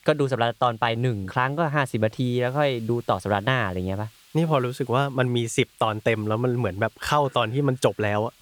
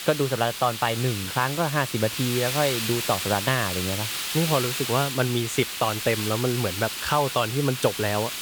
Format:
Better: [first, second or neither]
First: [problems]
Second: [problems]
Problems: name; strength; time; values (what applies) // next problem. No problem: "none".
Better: first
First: hiss; faint; throughout; 30 dB below the speech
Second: hiss; loud; throughout; 3 dB below the speech